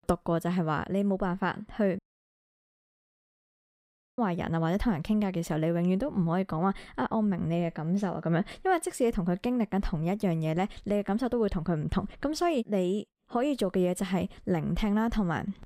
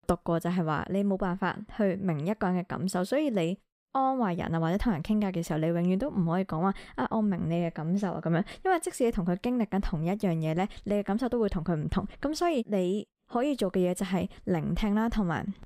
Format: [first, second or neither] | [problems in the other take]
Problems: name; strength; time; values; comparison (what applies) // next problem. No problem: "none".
second | audio cutting out; at 2 s for 2 s